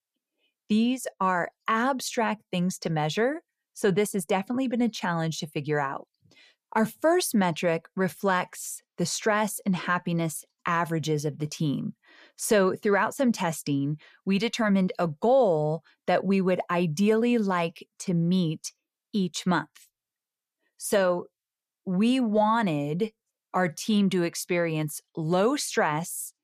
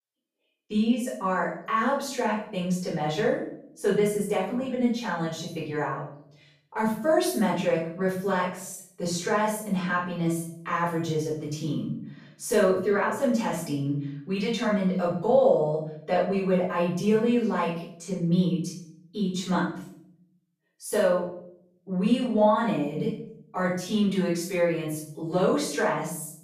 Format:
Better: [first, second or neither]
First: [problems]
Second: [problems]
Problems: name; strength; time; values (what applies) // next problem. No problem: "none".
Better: first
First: none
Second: off-mic speech; far // room echo; noticeable; dies away in 0.6 s